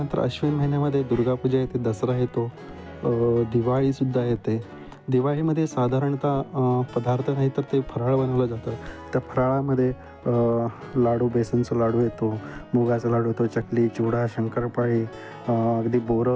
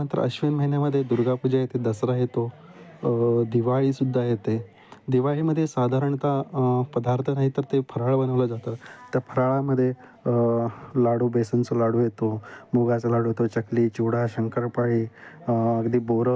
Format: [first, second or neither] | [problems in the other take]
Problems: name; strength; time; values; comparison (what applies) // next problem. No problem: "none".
second | background sound (Guitar + Piano); 17 dB below the speech